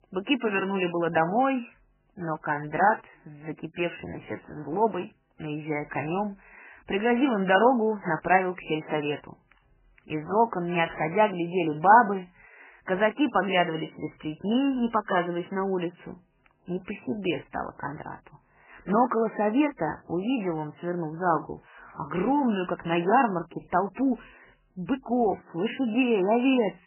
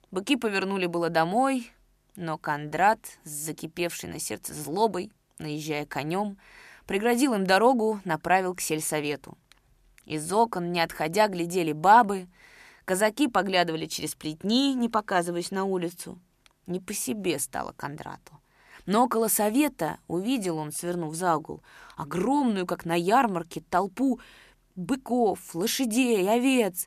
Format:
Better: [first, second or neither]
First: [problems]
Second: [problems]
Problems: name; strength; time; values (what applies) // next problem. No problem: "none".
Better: second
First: garbled, watery; badly; nothing above 3 kHz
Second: none